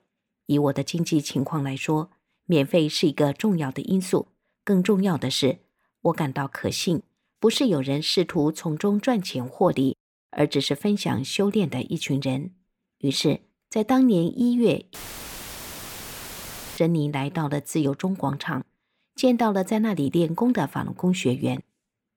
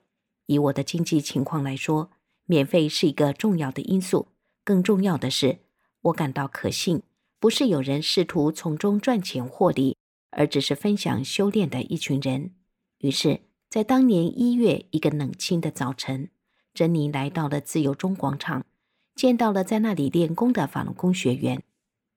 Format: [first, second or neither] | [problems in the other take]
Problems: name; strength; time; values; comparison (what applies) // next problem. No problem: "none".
second | audio cutting out; filled with static; at 15 s for 2 s